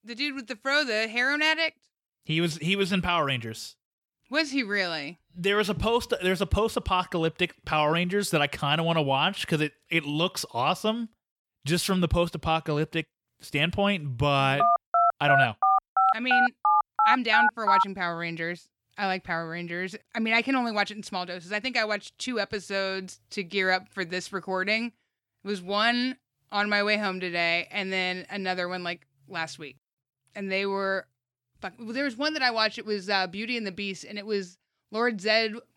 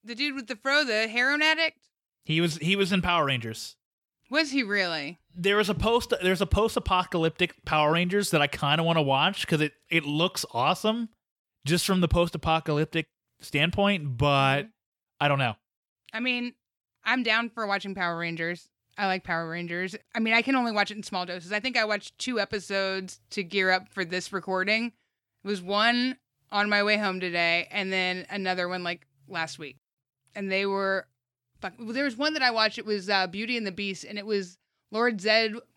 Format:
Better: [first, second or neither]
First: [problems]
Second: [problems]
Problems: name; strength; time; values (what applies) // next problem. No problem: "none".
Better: second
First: phone ringing; loud; from 15 to 18 s; peak 5 dB above the speech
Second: none